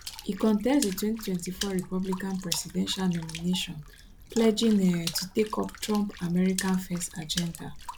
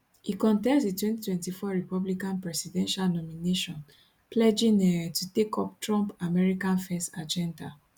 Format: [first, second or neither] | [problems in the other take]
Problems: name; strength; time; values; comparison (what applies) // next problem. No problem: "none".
second | background sound (Water / Splash, splatter); 12 dB below the speech